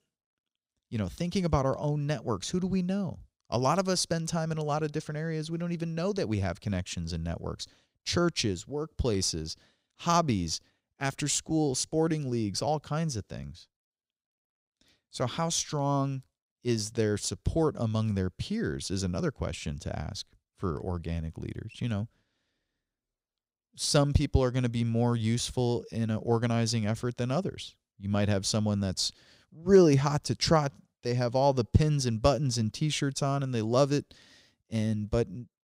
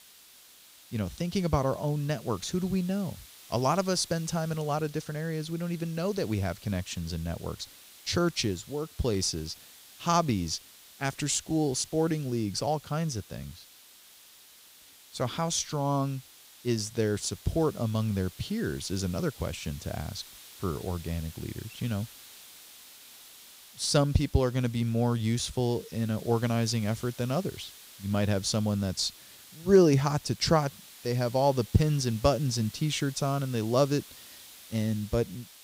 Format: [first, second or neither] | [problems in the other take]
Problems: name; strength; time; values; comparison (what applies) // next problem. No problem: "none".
first | hiss; noticeable; throughout; 20 dB below the speech